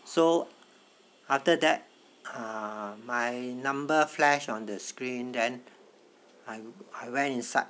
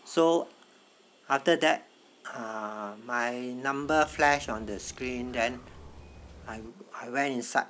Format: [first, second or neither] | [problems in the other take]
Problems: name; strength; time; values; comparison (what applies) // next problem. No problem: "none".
first | background sound (Bird); 17 dB below the speech